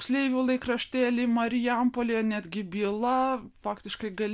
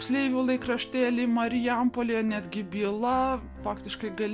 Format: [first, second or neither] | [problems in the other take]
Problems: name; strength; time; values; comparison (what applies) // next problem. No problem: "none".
first | background sound (Piano); 16 dB below the speech